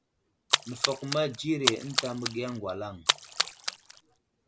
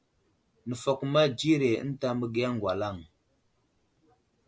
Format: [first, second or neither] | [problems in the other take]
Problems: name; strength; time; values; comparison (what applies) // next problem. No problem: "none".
second | background sound (Splash, splatter); 3 dB above the speech